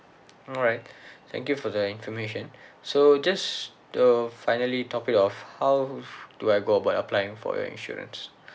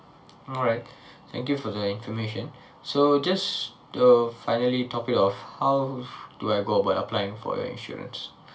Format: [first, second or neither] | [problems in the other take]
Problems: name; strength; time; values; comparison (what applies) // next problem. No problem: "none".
first | room echo; dies away in 0.2 s